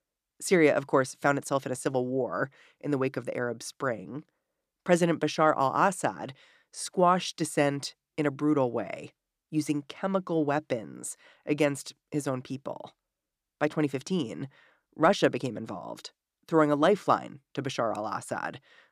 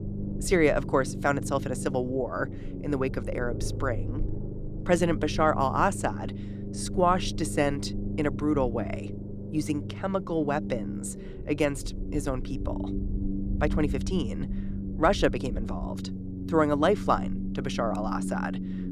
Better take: first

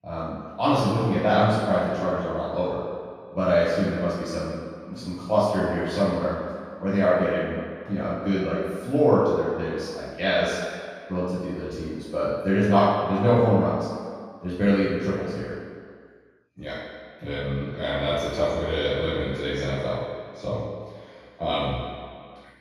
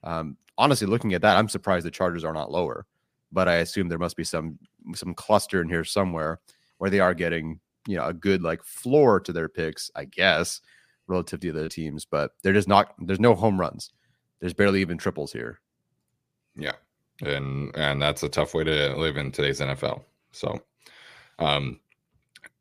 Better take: second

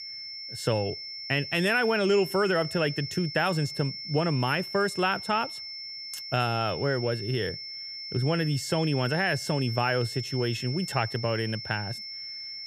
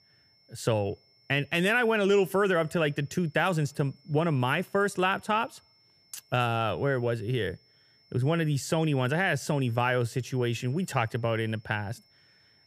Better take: second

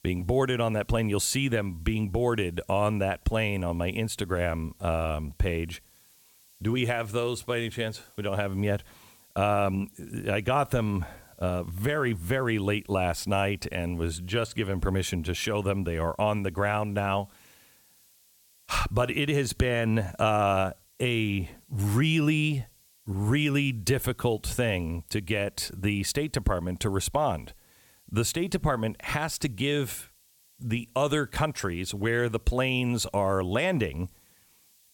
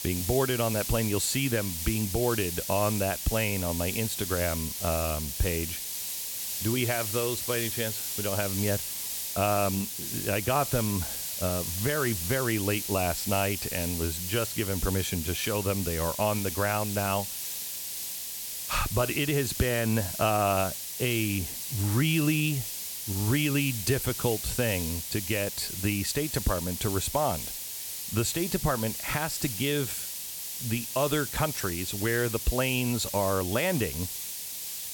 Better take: first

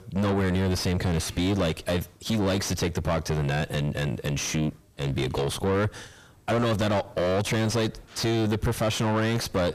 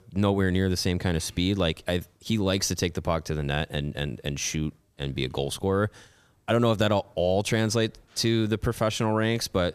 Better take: second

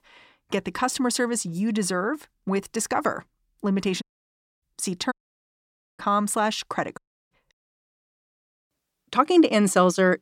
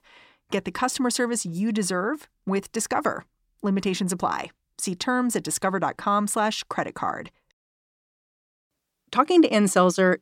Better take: second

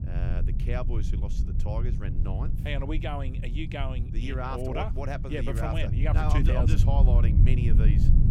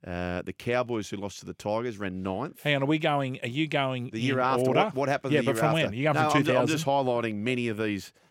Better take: second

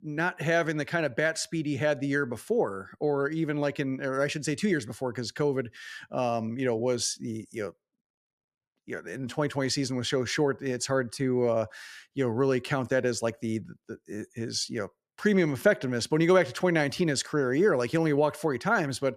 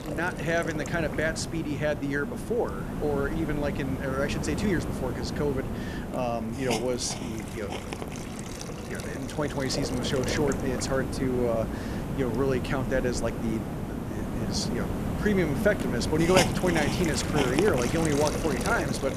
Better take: first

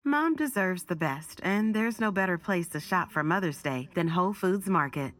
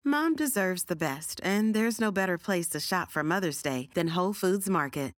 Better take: second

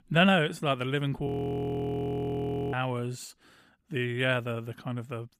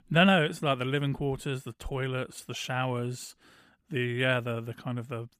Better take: second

